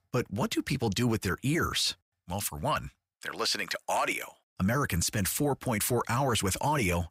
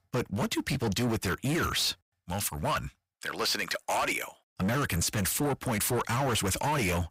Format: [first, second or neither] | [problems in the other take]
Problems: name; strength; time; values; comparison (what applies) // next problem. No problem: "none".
first | distortion; slight; 19% of the sound clipped